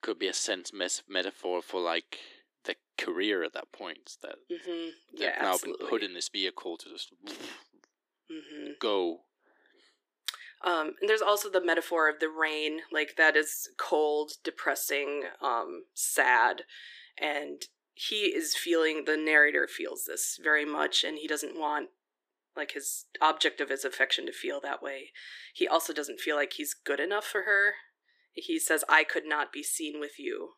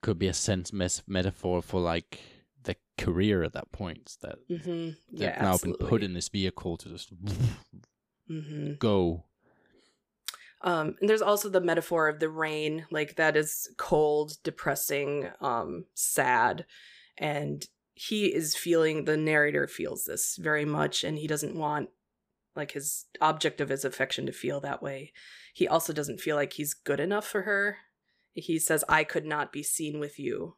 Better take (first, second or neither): second